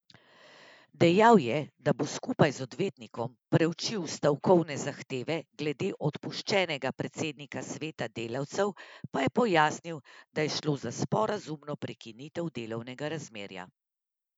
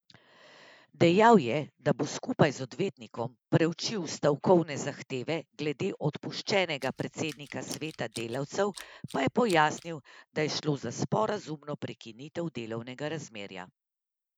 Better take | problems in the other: first | background sound (Tools); 20 dB below the speech

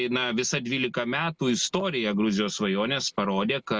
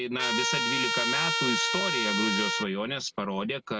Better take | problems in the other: first | background sound (Trumpet); 3 dB above the speech

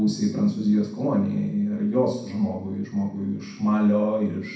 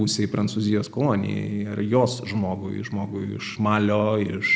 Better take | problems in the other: second | room echo; dies away in 0.6 s

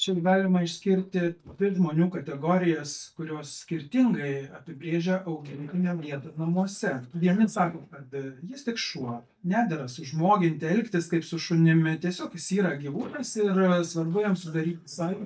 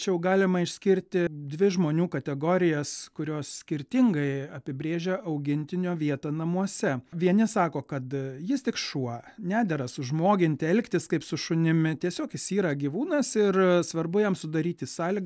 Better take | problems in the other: second | noise reduction (neural mask model DeepFilterNet 3)

